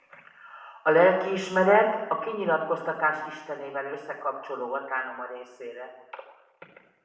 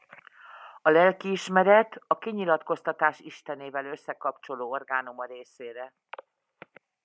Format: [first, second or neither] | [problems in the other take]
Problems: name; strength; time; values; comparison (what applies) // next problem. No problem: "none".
second | room echo; dies away in 0.9 s